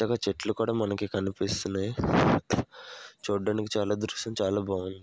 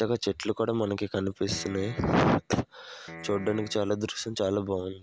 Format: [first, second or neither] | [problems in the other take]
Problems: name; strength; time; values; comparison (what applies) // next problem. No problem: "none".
first | background sound (Piano); 16 dB below the speech